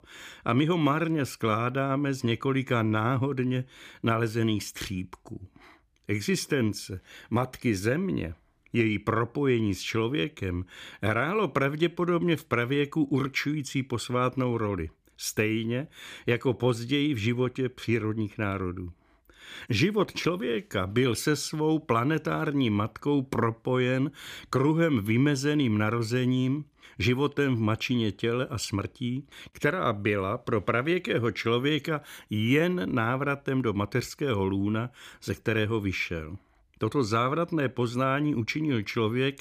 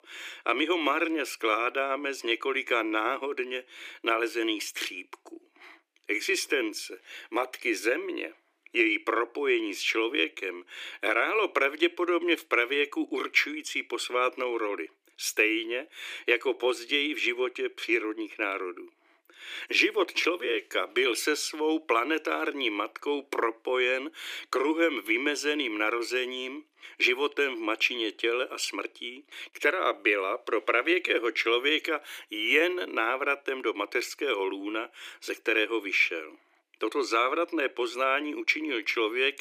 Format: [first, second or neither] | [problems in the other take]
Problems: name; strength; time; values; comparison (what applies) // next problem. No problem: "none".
first | thin; very; fading below 300 Hz